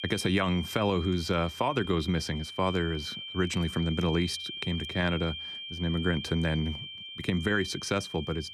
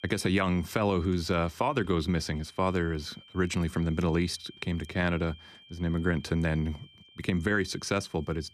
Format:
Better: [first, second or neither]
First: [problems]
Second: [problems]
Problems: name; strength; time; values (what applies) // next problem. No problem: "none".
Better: second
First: high-pitched whine; loud; throughout; 3 kHz, 8 dB below the speech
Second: high-pitched whine; faint; throughout; 3 kHz, 25 dB below the speech